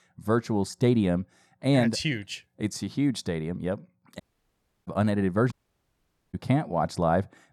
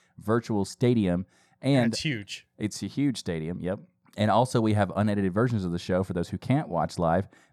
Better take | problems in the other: second | audio cutting out; at 4 s for 0.5 s and at 5.5 s for 1 s

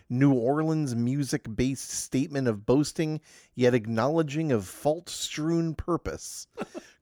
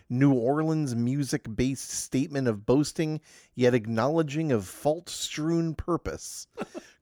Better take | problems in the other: neither | none

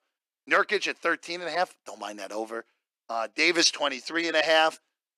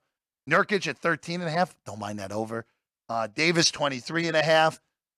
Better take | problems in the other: second | thin; somewhat; fading below 300 Hz

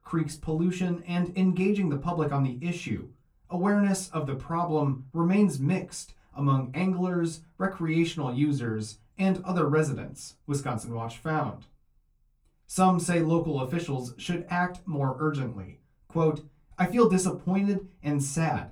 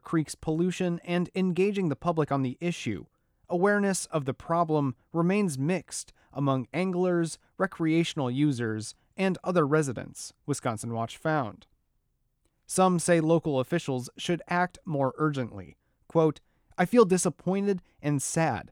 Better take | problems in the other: second | off-mic speech; far // room echo; very slight; dies away in 0.2 s

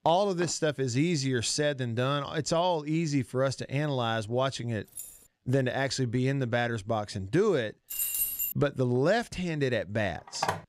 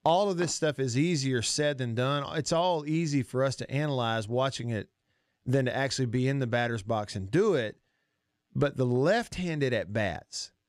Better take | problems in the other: second | jangling keys; faint; at 5 s; peak 15 dB below the speech // jangling keys; loud; at 8 s; peak 2 dB above the speech // phone ringing; very faint; at 10 s; peak 4 dB below the speech

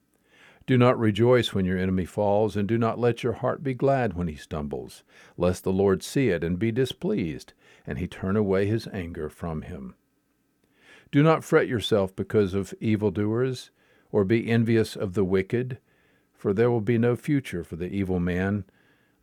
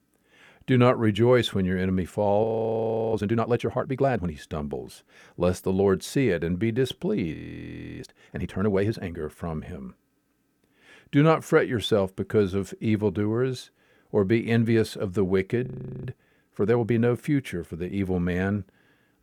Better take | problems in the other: first | audio freezing; at 2.5 s for 0.5 s, at 7.5 s for 0.5 s and at 16 s

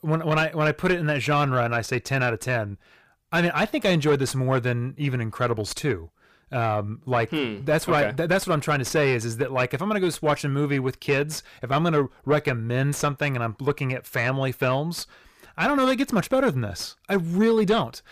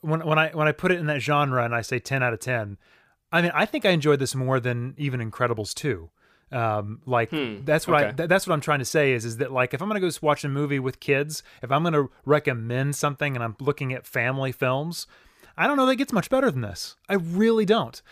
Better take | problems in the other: second | distortion; slight; 10 dB below the speech

